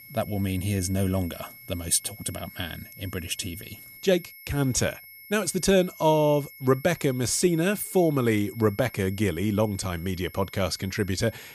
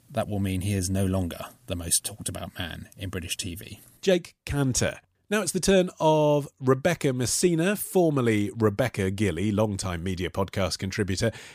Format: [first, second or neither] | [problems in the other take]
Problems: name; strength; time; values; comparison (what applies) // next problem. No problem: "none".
second | high-pitched whine; noticeable; throughout; 2 kHz, 20 dB below the speech